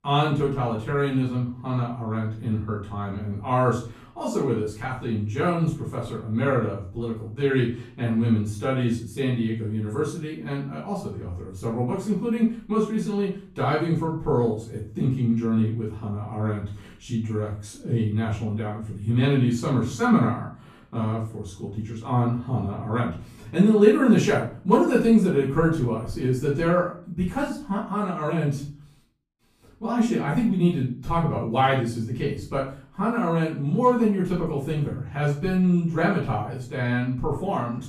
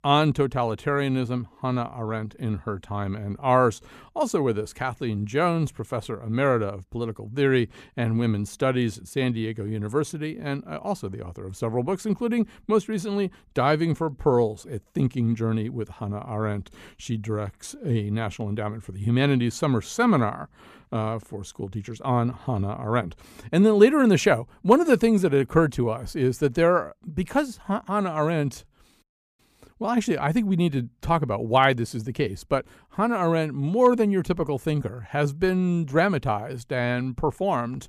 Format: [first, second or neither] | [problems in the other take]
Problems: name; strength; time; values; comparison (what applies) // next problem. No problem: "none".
second | off-mic speech; far // room echo; noticeable; dies away in 0.4 s